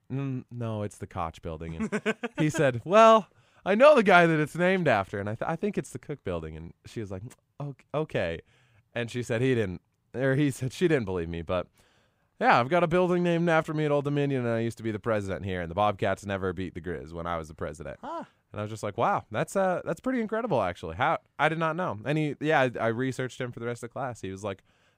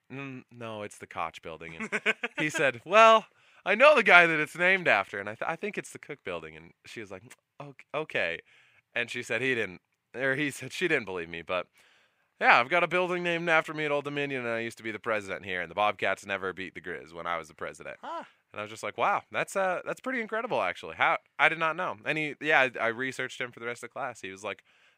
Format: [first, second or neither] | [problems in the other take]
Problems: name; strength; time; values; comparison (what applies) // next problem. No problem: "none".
first | thin; somewhat; fading below 1 kHz